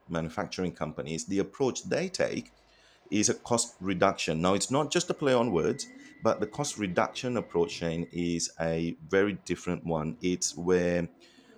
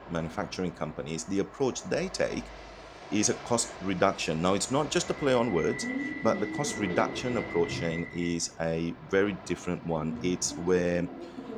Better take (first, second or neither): first